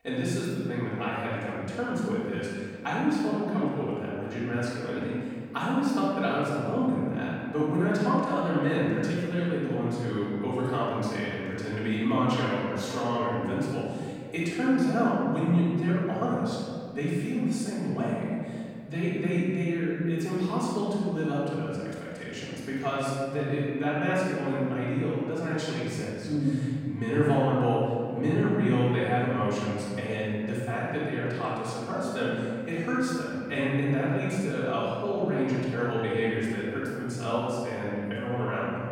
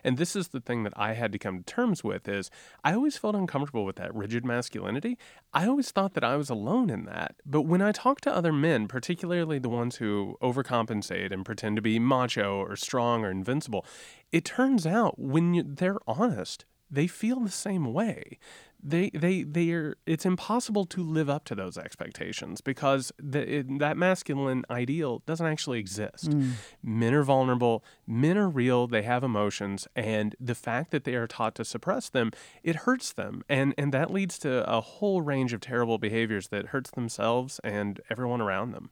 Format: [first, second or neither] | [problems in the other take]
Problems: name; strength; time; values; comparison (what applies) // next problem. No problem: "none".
second | off-mic speech; far // room echo; strong; dies away in 2.1 s